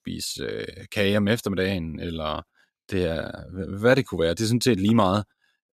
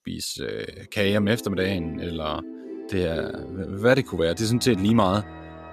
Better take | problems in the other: first | background music; noticeable; throughout; 15 dB below the speech

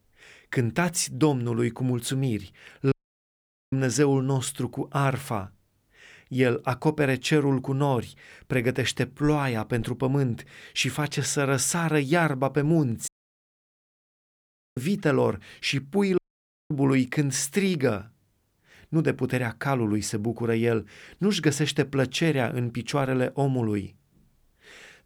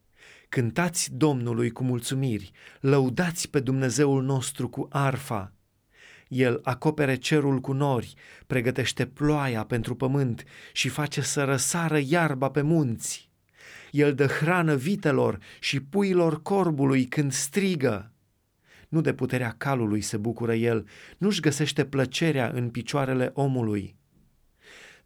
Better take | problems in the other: second | audio cutting out; at 3 s for 1 s, at 13 s for 1.5 s and at 16 s for 0.5 s

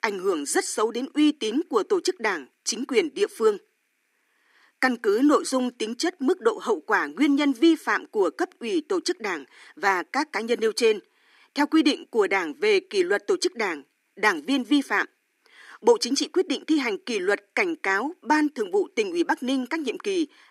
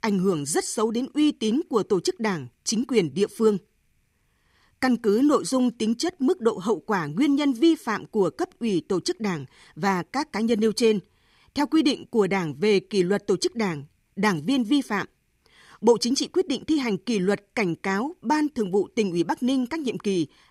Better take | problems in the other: second | thin; very slightly; fading below 300 Hz

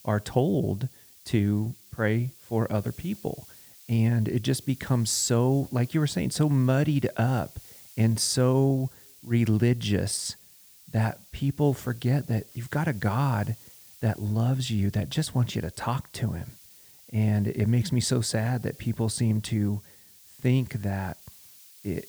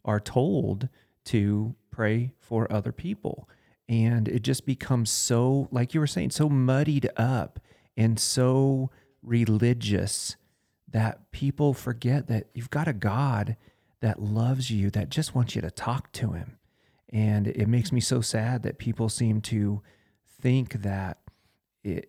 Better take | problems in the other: second | hiss; faint; throughout; 20 dB below the speech

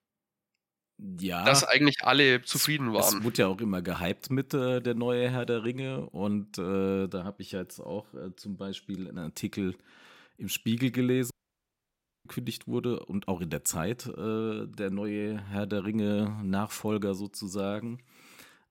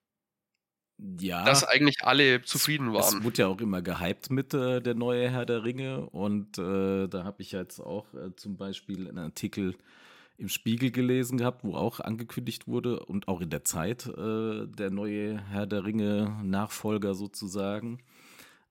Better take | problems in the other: second | audio cutting out; at 11 s for 1 s

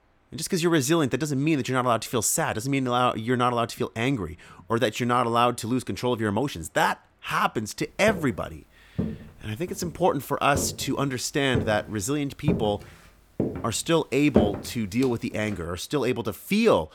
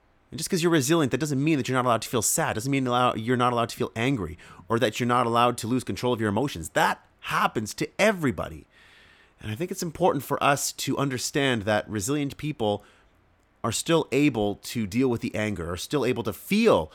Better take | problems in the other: second | footsteps; loud; from 8 to 15 s; peak 2 dB above the speech

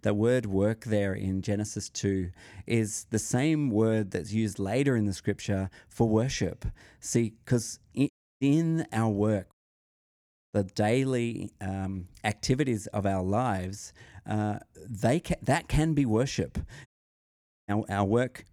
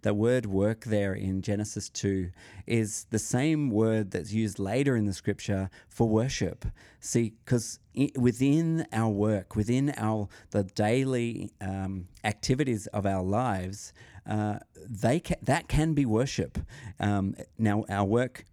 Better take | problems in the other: second | audio cutting out; at 8 s, at 9.5 s for 1 s and at 17 s for 1 s

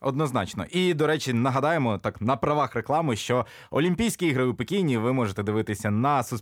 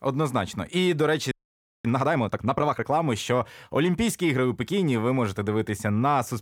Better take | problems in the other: first | audio freezing; at 1.5 s for 0.5 s

